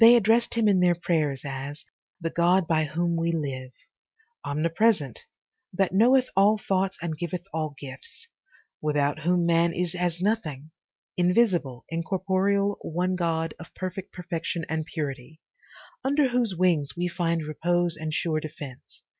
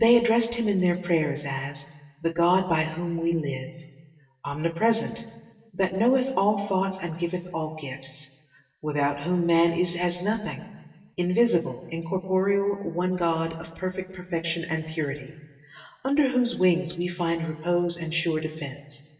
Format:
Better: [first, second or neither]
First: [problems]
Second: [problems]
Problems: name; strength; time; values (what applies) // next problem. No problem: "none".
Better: first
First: none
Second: room echo; dies away in 1.2 s